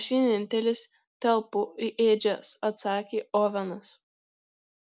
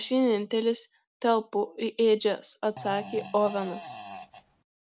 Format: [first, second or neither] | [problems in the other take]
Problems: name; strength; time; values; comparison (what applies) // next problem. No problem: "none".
first | background sound (Fart); 14 dB below the speech